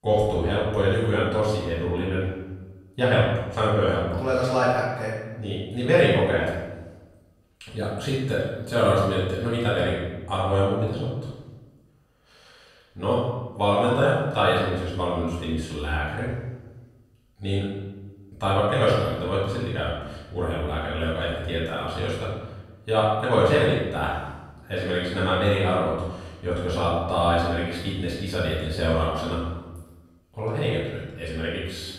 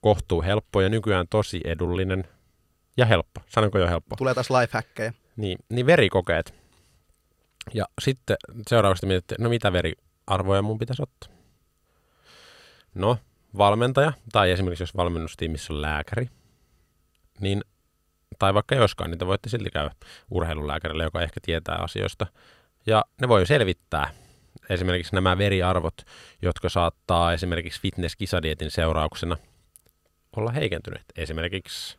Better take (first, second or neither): second